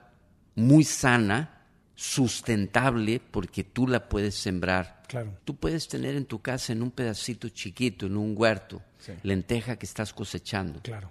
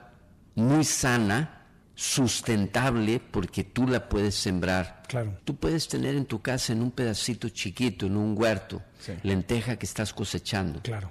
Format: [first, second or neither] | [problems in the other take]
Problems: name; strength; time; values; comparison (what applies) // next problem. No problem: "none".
first | distortion; heavy; 7 dB below the speech